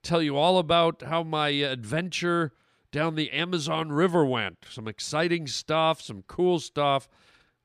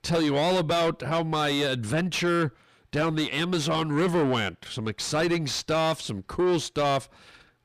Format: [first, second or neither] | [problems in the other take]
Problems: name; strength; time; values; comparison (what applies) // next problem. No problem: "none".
first | distortion; heavy; 5 dB below the speech